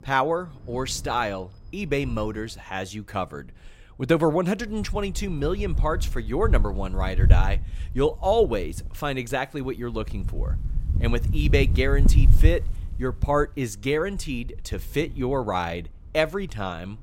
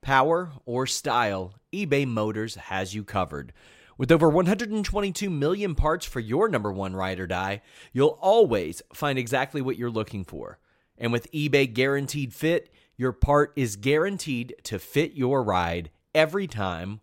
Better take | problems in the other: second | wind noise on the microphone; occasional gusts; 15 dB below the speech

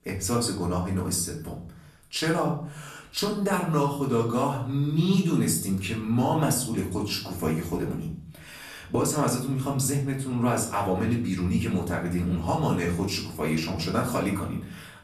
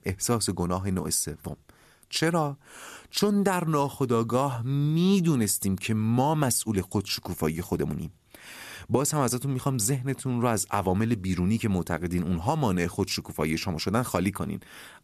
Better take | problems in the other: second | room echo; slight; dies away in 0.5 s // off-mic speech; far

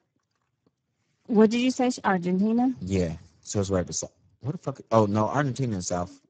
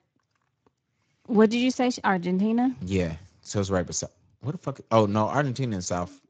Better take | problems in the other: second | garbled, watery; badly; nothing above 7.5 kHz; slightly in the second

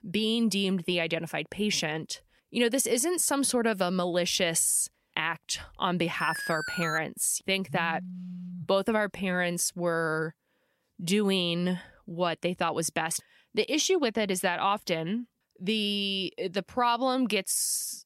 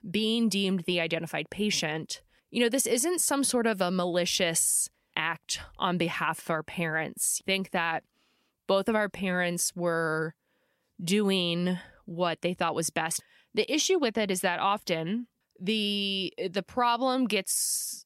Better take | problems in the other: second | alarm; noticeable; at 6 s; peak 5 dB below the speech // phone ringing; faint; at 7.5 s; peak 10 dB below the speech

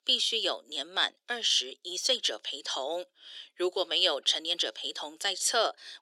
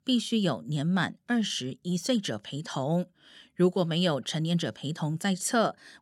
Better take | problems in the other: second | thin; very; fading below 350 Hz

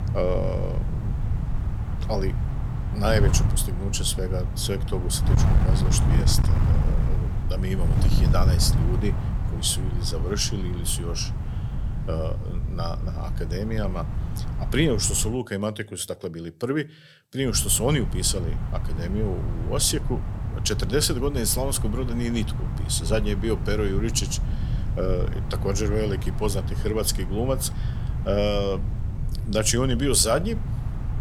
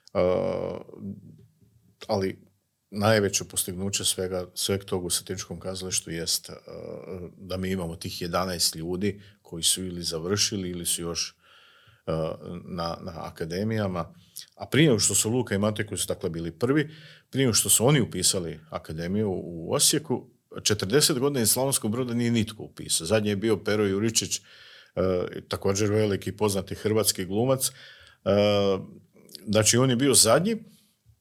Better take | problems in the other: second | wind noise on the microphone; occasional gusts; until 15 s and from 17 s on; 10 dB below the speech

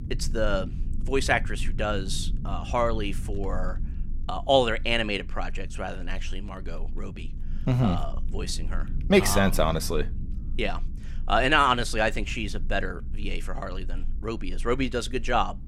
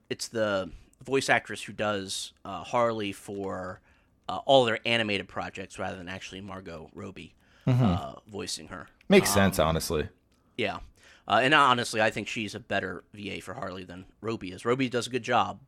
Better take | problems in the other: second | low rumble; faint; throughout; 25 dB below the speech

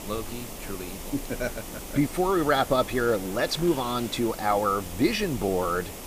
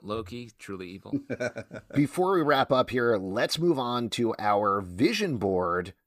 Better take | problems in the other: second | hiss; noticeable; throughout; 10 dB below the speech

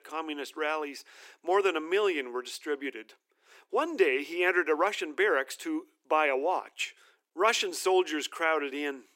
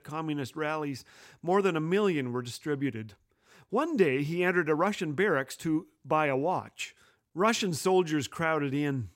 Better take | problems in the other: second | thin; somewhat; fading below 350 Hz

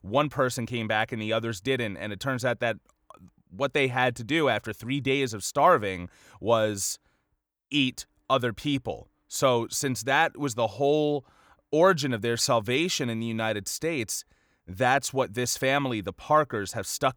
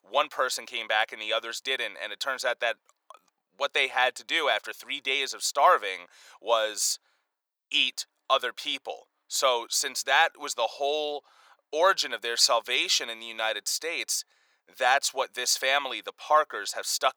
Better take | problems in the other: first | thin; very; fading below 600 Hz

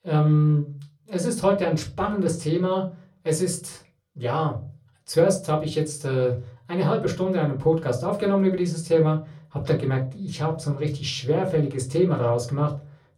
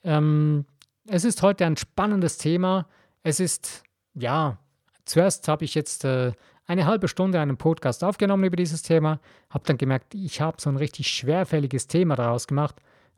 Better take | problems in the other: second | off-mic speech; far // room echo; very slight; dies away in 0.3 s

